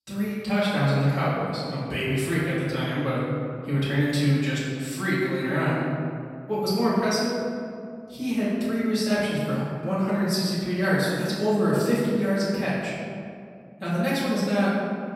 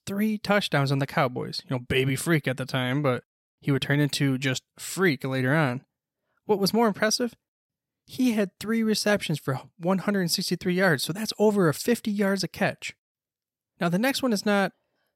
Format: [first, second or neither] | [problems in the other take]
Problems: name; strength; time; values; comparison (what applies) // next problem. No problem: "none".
second | room echo; strong; dies away in 2.1 s // off-mic speech; far